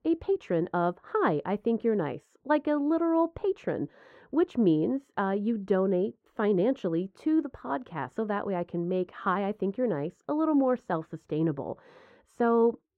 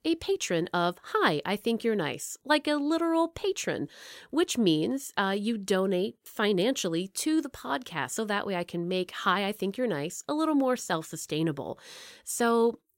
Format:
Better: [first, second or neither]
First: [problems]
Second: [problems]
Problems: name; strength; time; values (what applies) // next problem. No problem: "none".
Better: second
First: muffled; very; fading above 3 kHz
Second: none